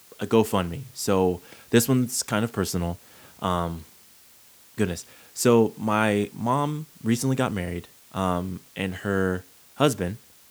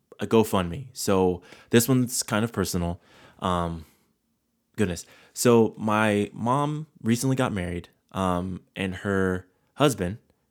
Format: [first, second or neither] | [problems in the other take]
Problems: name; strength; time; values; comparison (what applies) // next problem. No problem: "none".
second | hiss; faint; throughout; 25 dB below the speech